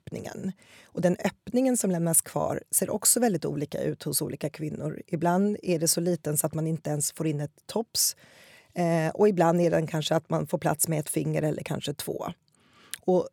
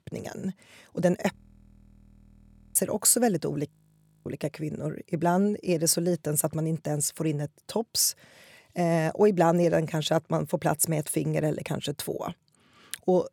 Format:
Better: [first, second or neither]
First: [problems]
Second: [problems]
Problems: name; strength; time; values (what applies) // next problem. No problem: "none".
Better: first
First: none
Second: audio freezing; at 1.5 s for 1.5 s and at 3.5 s for 0.5 s